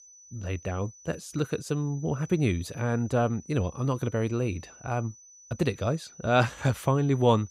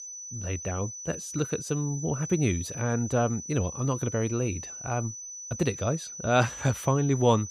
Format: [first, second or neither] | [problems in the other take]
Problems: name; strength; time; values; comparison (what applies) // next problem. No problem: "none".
first | high-pitched whine; loud; throughout; 6 kHz, 9 dB below the speech; faint in the first